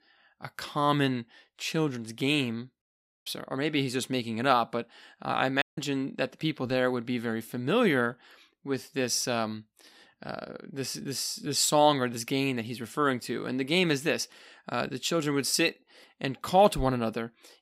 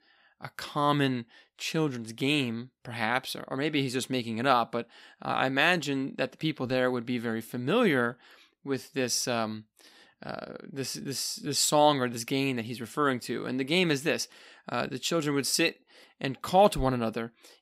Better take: second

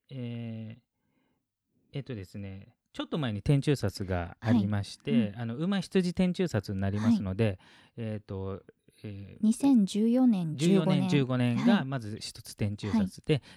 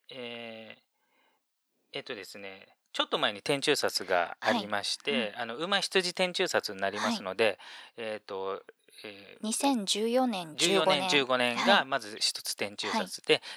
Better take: first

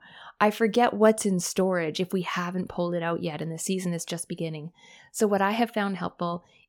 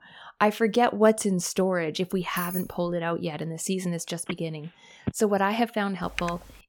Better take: first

